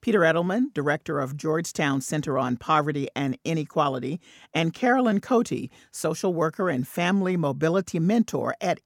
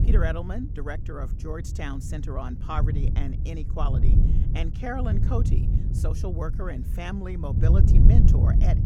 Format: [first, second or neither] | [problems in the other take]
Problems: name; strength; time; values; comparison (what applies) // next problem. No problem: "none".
first | wind noise on the microphone; heavy; 3 dB below the speech